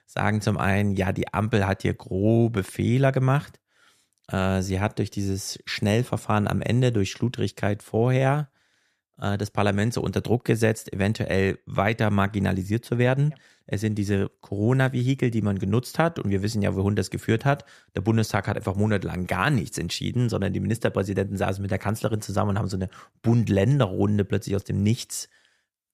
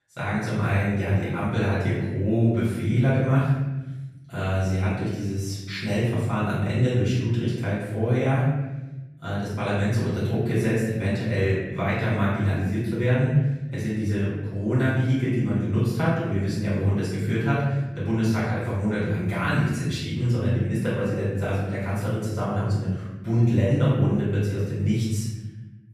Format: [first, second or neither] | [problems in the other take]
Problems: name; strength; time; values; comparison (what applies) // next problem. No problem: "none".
first | room echo; strong; dies away in 1.3 s // off-mic speech; far